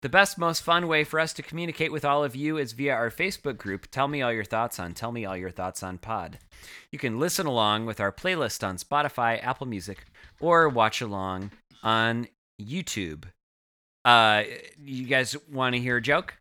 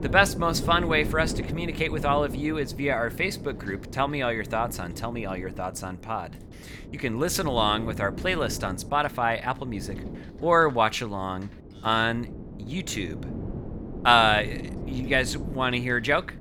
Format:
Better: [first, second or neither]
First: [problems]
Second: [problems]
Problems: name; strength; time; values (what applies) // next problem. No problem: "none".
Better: first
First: none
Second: wind noise on the microphone; occasional gusts; 20 dB below the speech